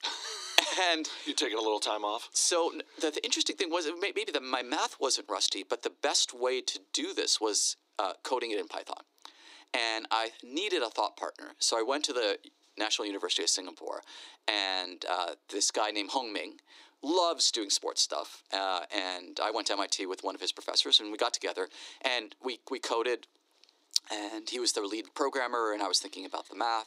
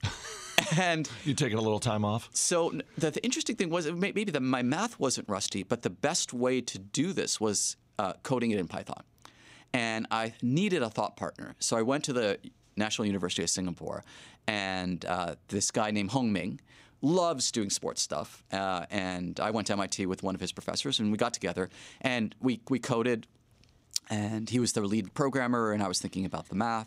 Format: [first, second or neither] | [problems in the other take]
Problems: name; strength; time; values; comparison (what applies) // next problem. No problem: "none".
second | thin; very; fading below 300 Hz